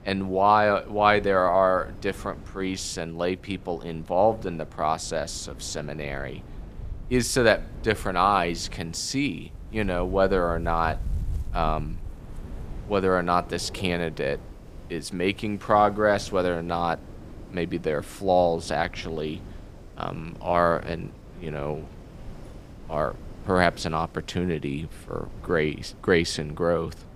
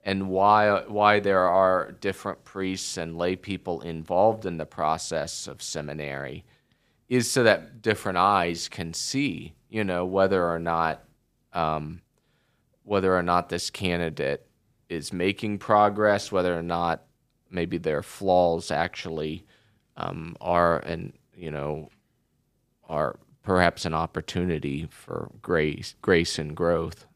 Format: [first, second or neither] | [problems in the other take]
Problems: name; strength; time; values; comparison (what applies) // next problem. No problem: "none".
second | wind in the background; noticeable; throughout; 15 dB below the speech